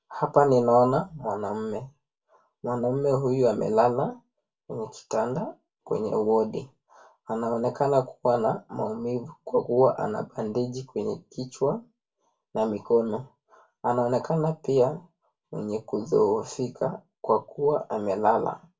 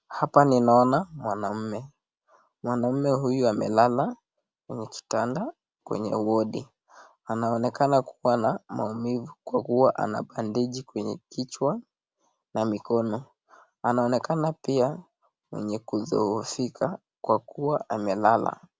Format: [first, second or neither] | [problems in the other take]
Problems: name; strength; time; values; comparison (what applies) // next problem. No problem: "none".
second | room echo; dies away in 0.2 s